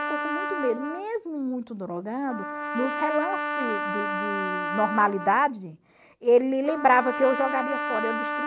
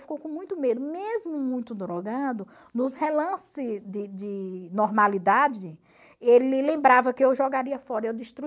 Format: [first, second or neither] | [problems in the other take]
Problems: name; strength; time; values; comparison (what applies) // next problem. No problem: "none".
second | background sound (Trumpet); 5 dB below the speech